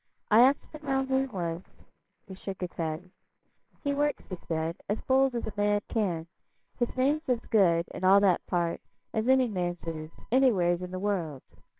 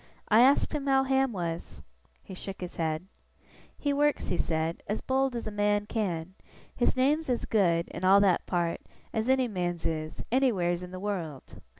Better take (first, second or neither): second